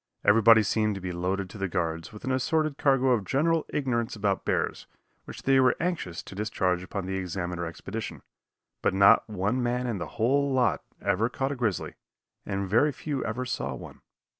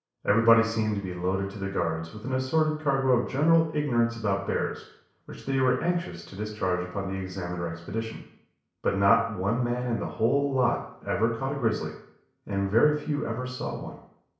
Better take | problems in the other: first | room echo; dies away in 0.6 s

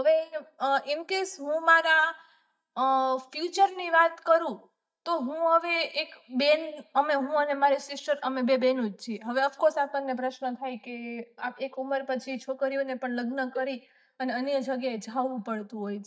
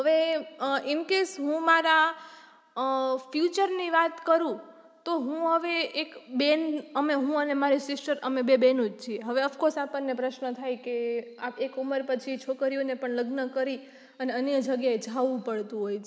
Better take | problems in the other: second | noise reduction (neural mask model DeepFilterNet 3)

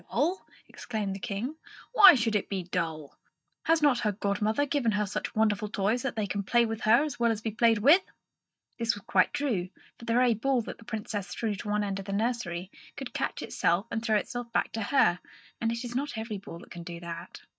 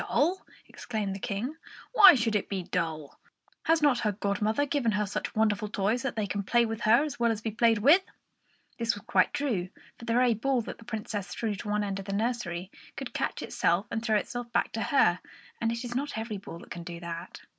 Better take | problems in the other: second | noise reduction (neural mask model DeepFilterNet 3)

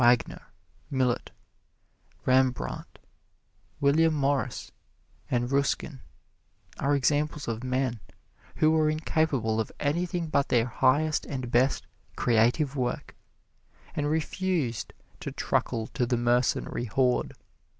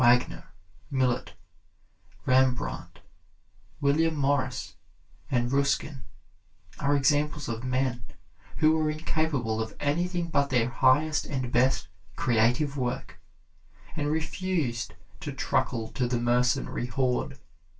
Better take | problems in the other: first | room echo; dies away in 0.1 s

